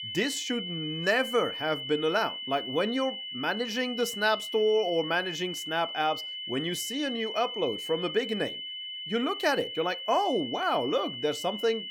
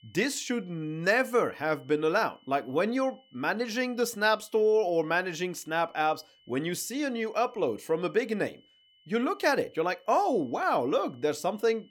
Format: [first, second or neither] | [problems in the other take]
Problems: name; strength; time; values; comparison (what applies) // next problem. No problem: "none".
second | high-pitched whine; loud; throughout; 3 kHz, 6 dB below the speech; faint in the second